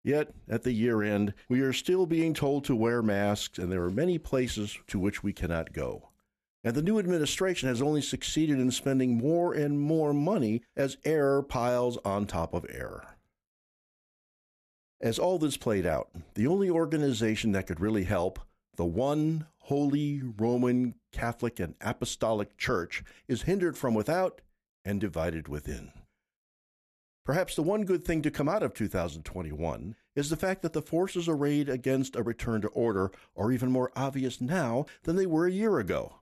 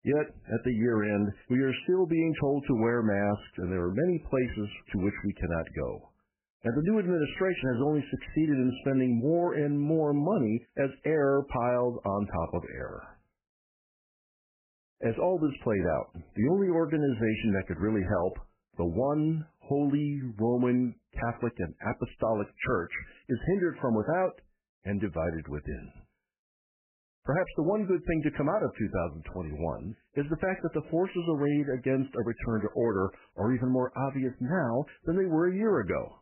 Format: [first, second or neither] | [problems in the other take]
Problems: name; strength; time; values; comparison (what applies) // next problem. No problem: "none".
first | garbled, watery; badly; nothing above 3 kHz